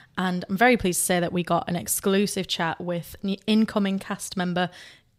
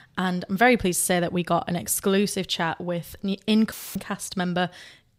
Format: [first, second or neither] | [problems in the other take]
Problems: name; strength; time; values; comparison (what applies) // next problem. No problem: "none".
first | audio cutting out; filled with static; at 3.5 s